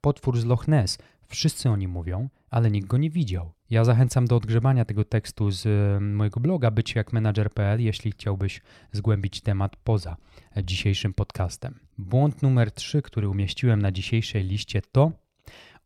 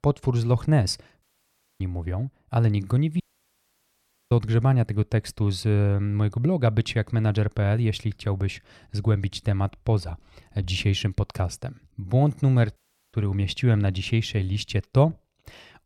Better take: first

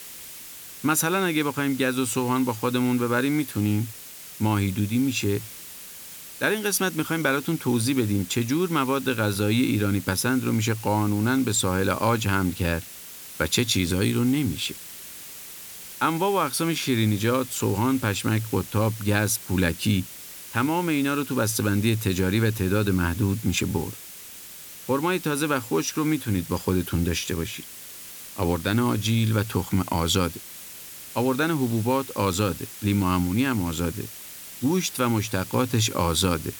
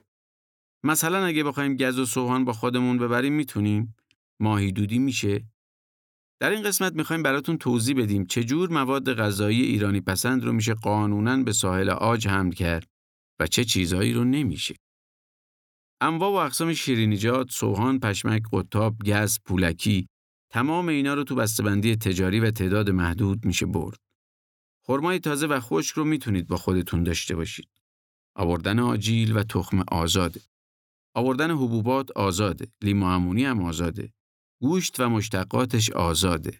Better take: second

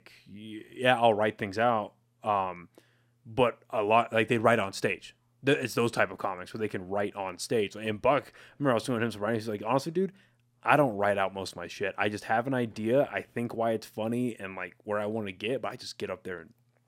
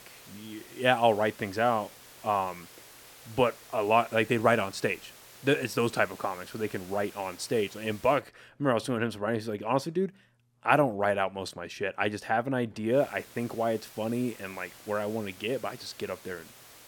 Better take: first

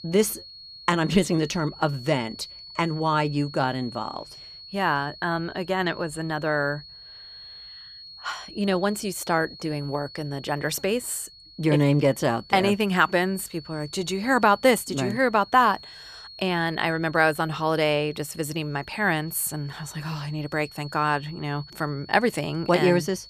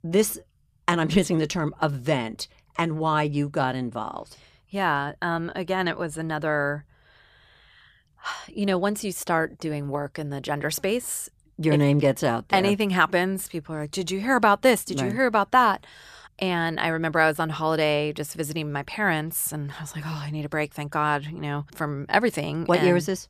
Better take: second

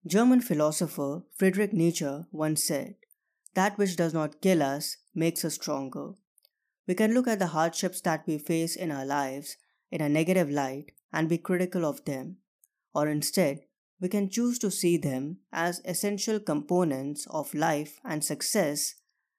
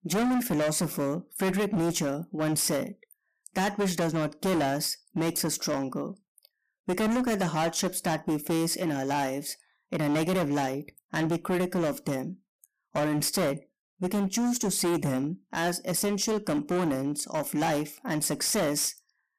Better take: first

